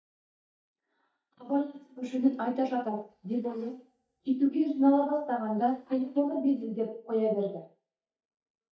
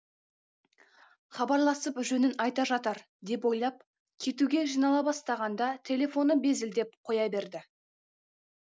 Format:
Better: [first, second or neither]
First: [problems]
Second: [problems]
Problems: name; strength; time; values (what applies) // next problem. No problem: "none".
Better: second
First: noise reduction (neural mask model DeepFilterNet 3)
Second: none